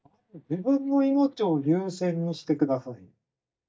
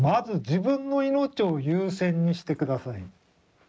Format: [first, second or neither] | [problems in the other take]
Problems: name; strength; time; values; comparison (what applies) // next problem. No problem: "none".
second | noise reduction (neural mask model DeepFilterNet 3)